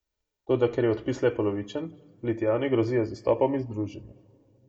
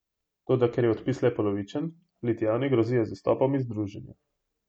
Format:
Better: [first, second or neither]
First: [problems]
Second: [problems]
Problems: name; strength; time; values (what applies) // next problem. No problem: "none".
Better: second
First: room echo; dies away in 1 s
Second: none